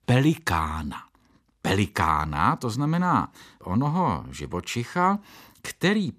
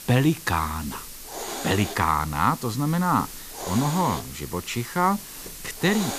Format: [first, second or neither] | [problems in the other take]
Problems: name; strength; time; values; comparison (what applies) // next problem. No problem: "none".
first | hiss; noticeable; throughout; 10 dB below the speech